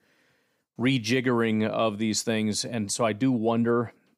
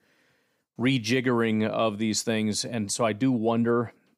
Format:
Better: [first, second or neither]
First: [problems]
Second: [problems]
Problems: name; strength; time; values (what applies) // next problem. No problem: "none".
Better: neither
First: none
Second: none